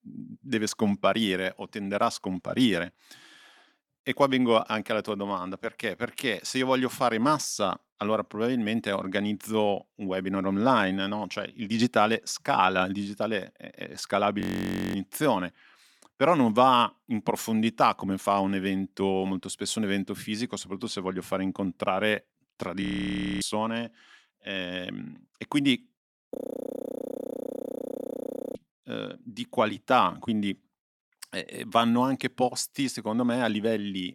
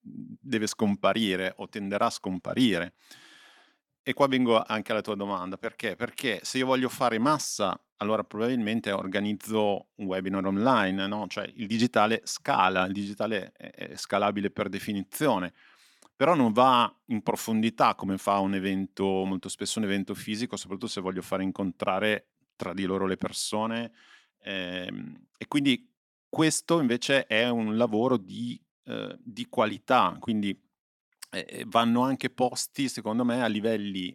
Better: second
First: audio freezing; at 14 s for 0.5 s, at 23 s for 0.5 s and at 26 s for 2 s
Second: none

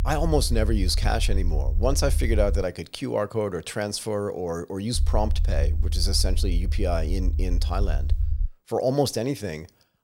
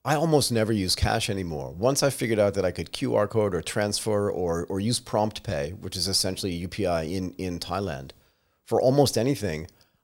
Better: second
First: low rumble; noticeable; until 2.5 s and from 5 to 8.5 s; 20 dB below the speech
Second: none

